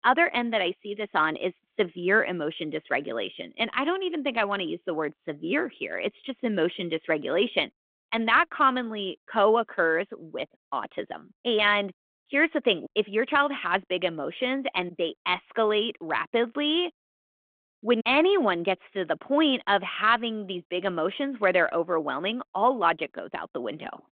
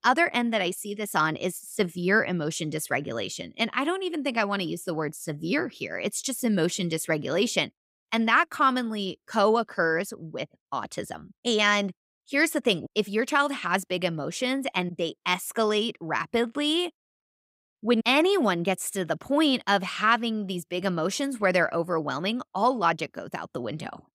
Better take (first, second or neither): second